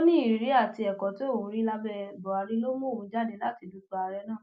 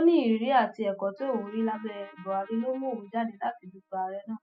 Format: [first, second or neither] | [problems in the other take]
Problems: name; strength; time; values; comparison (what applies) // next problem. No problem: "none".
first | noise reduction (classical method spectral subtraction)